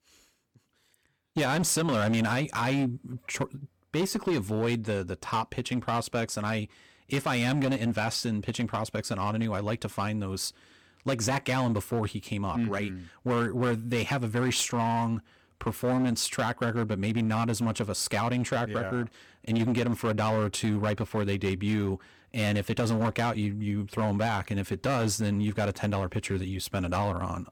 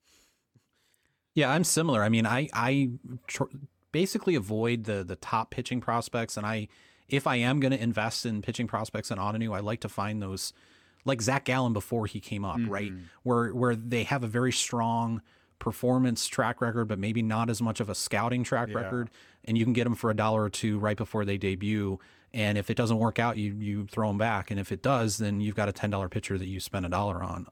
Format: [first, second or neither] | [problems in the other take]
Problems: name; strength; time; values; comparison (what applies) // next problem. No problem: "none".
second | distortion; slight; 10% of the sound clipped